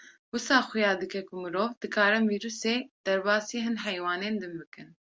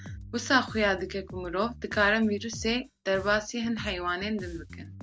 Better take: first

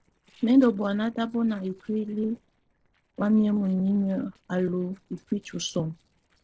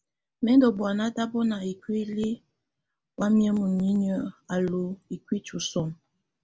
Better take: second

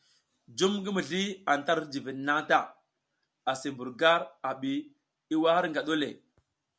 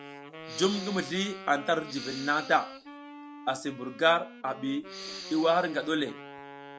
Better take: first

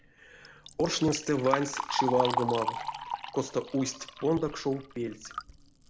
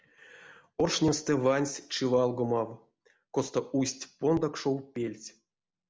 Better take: second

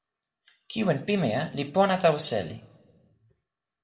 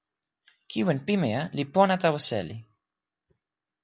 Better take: second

